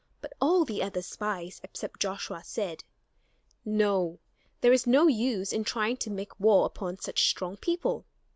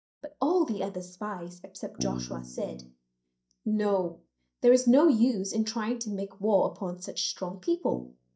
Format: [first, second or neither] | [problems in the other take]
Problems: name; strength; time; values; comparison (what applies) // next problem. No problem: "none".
first | noise reduction (neural mask model DeepFilterNet 3)